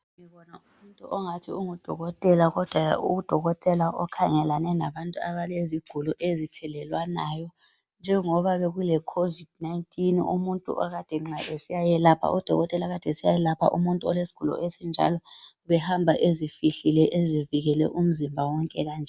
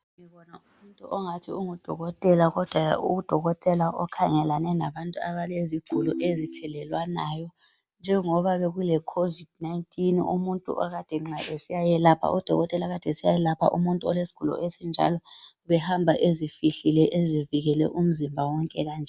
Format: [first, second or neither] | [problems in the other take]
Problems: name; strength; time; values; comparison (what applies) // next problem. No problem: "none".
first | background sound (Ringtone); 7 dB below the speech